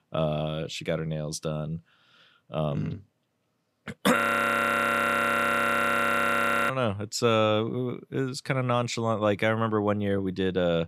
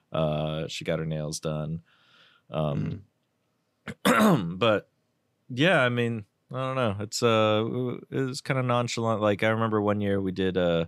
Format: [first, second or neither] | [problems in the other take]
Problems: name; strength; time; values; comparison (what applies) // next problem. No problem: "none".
second | audio freezing; at 4 s for 2.5 s